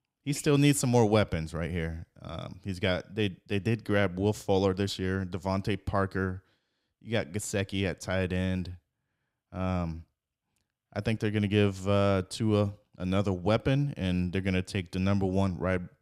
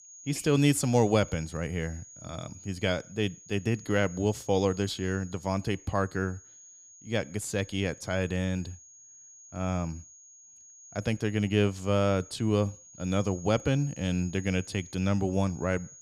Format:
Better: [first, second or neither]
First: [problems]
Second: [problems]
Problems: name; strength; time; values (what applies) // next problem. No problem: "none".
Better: first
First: none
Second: high-pitched whine; noticeable; throughout; 6.5 kHz, 20 dB below the speech